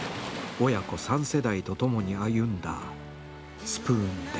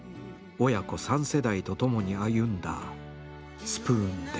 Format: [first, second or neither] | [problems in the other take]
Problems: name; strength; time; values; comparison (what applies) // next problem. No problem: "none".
second | background sound (Waves, surf); 14 dB below the speech